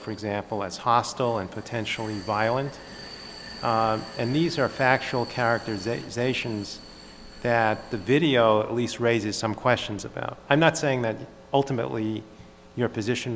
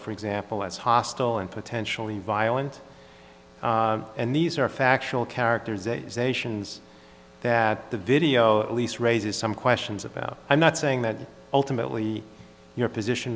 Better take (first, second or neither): second